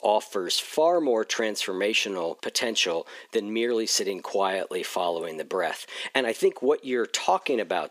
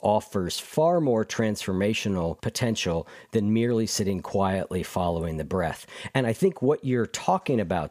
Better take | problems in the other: second | thin; somewhat; fading below 300 Hz

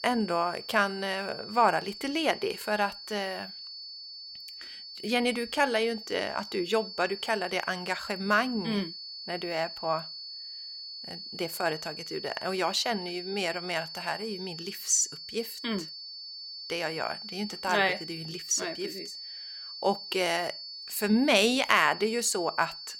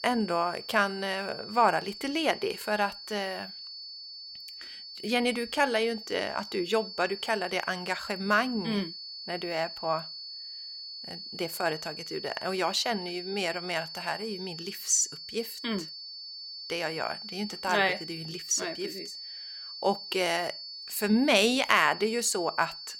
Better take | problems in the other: neither | high-pitched whine; noticeable; throughout; 4.5 kHz, 10 dB below the speech; the same in both

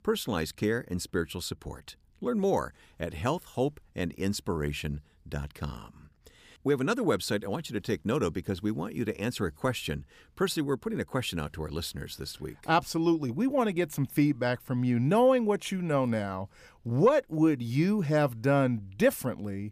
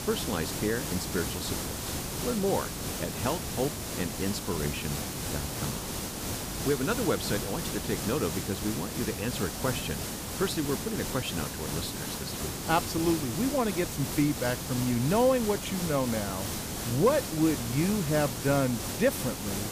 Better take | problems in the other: first | hiss; loud; throughout; 3 dB below the speech

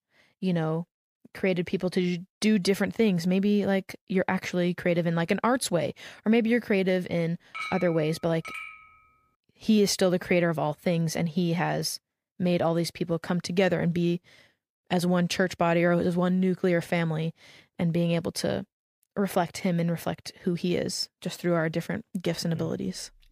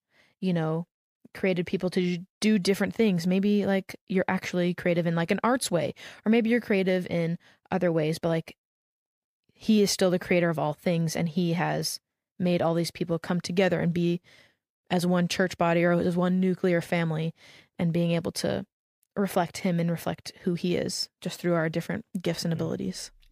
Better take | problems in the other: second | clattering dishes; noticeable; from 7.5 to 9 s; peak 8 dB below the speech

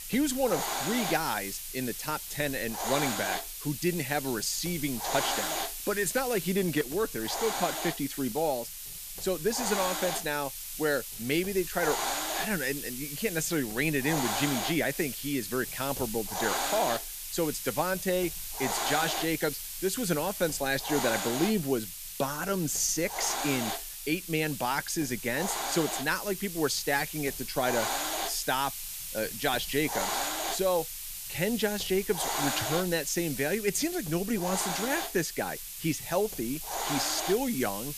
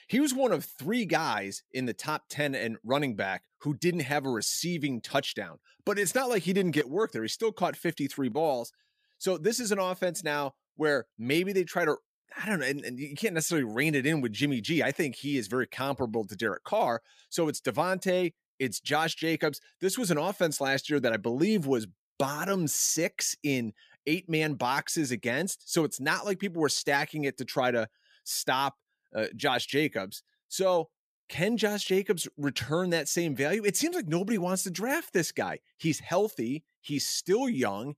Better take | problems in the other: second | hiss; loud; throughout; 3 dB below the speech

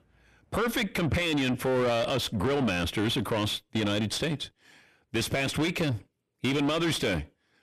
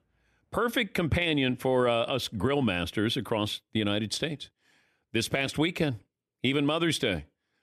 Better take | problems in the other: second | distortion; heavy; 7 dB below the speech

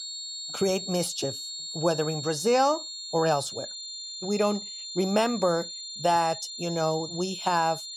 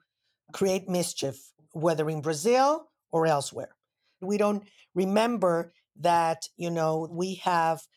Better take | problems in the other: second | high-pitched whine; loud; throughout; 4 kHz, 8 dB below the speech

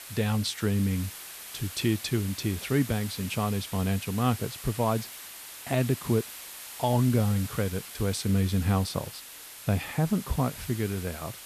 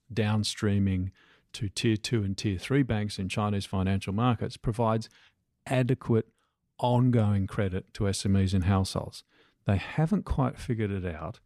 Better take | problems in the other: second | hiss; noticeable; throughout; 10 dB below the speech

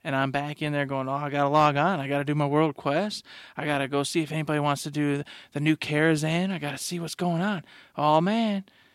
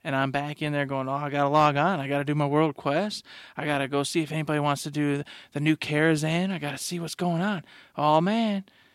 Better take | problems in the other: neither | none

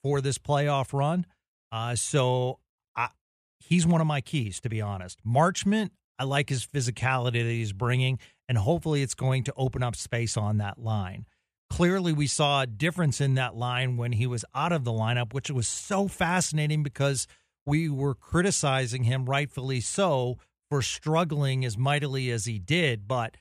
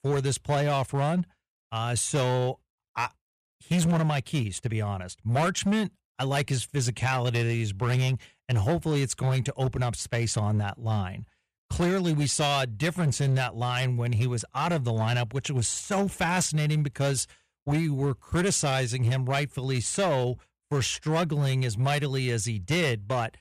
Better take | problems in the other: first | distortion; slight; 9% of the sound clipped

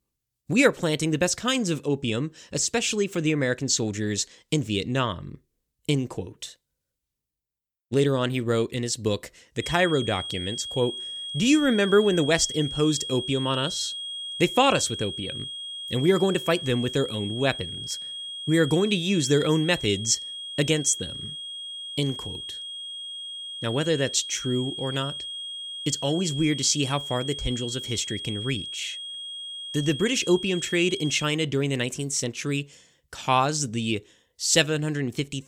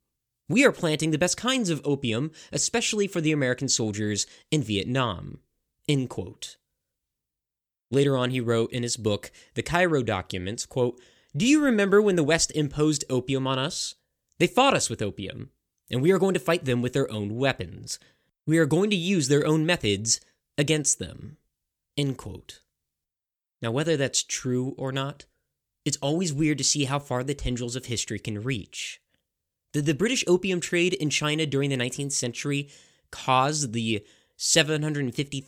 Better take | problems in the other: second | high-pitched whine; loud; from 9.5 to 31 s; 3.5 kHz, 8 dB below the speech

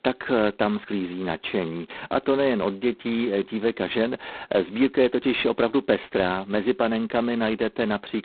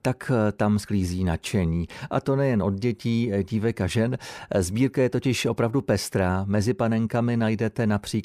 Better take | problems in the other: second | phone-call audio; poor line; nothing above 4 kHz

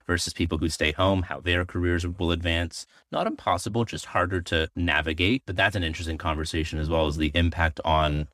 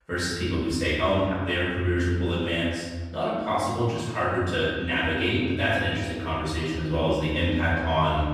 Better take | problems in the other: first | room echo; strong; dies away in 1.3 s // off-mic speech; far

